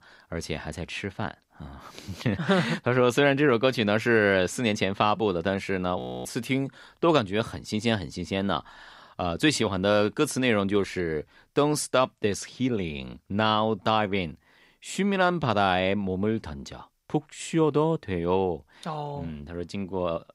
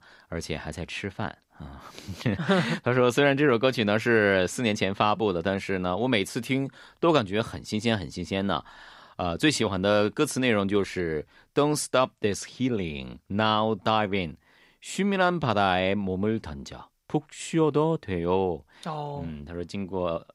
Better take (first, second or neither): second